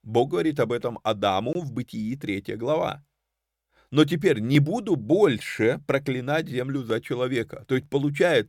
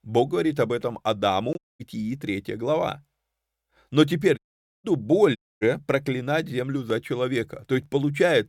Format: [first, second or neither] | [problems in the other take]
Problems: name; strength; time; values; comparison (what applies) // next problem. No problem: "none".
first | audio cutting out; at 1.5 s, at 4.5 s and at 5.5 s